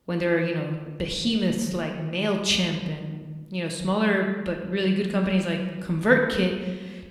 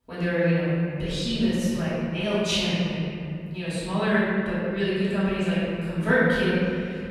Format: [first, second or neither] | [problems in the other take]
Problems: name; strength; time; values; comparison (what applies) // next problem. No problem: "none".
first | room echo; strong; dies away in 2.7 s; slight in the first // off-mic speech; far